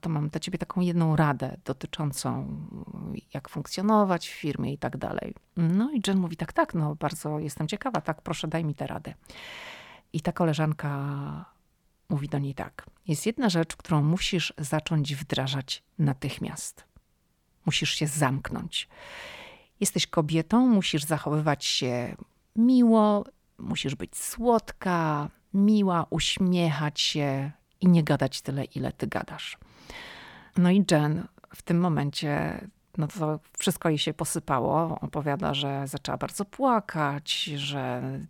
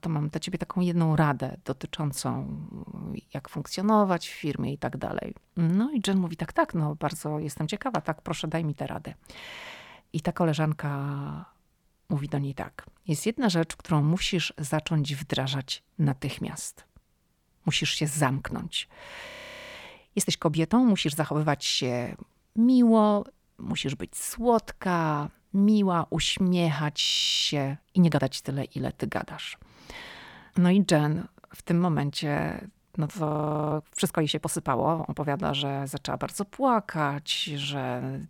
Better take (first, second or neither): first